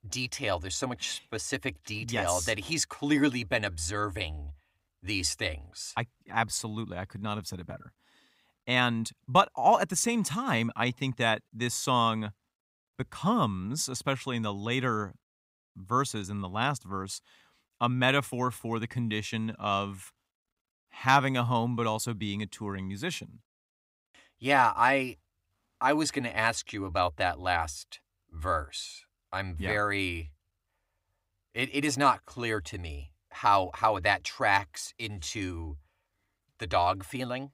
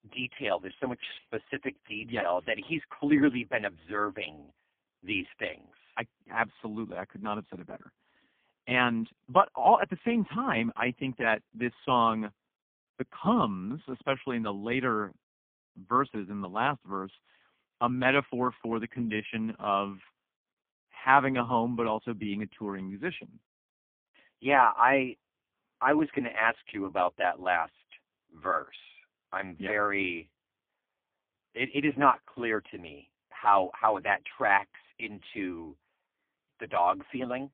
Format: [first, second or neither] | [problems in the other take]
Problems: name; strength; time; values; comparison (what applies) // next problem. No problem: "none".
first | phone-call audio; poor line